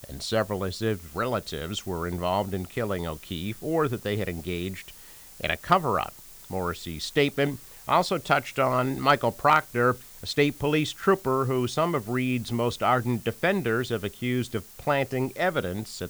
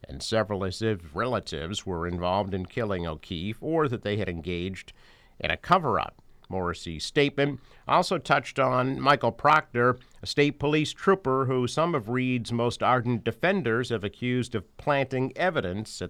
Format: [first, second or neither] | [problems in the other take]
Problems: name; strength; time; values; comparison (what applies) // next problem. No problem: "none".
second | hiss; noticeable; throughout; 20 dB below the speech